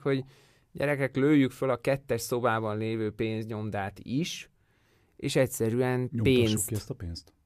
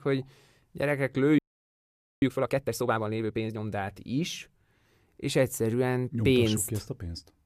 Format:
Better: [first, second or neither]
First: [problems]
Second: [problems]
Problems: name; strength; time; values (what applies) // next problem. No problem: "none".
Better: first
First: none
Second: audio freezing; at 1.5 s for 1 s